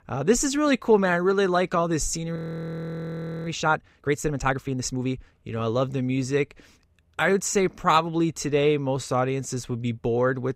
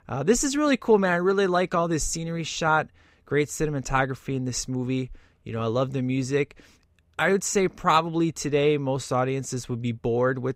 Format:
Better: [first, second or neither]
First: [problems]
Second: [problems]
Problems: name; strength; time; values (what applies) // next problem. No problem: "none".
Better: second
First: audio freezing; at 2.5 s for 1 s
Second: none